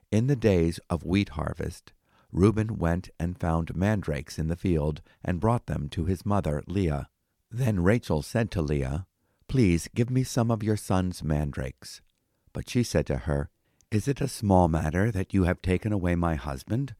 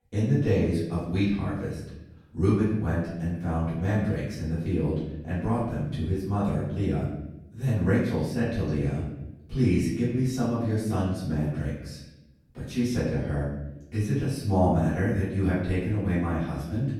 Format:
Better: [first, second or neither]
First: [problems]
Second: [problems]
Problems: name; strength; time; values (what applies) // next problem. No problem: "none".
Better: first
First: none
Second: off-mic speech; far // room echo; noticeable; dies away in 0.9 s